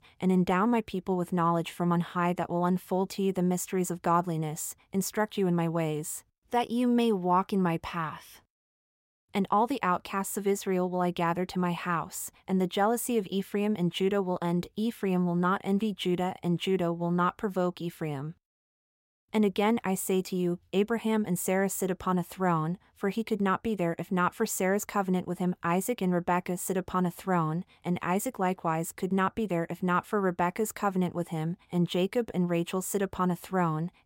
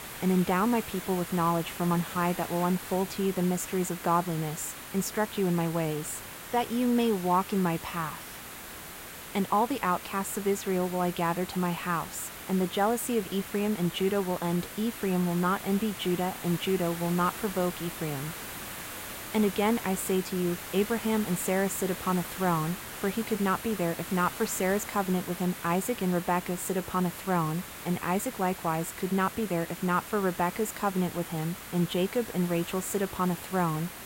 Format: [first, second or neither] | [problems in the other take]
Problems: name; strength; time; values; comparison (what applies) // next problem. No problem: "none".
first | hiss; loud; throughout; 10 dB below the speech